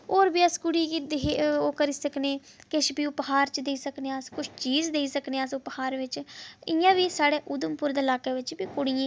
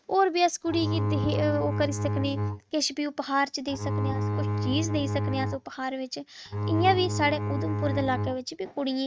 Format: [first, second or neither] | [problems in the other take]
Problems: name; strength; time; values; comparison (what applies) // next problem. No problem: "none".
first | noise reduction (neural mask model RNNoise)